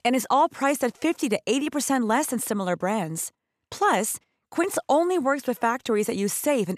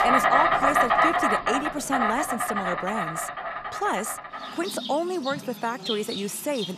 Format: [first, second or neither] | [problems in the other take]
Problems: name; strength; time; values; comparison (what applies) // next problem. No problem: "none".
first | animal sounds; very loud; throughout; 4 dB above the speech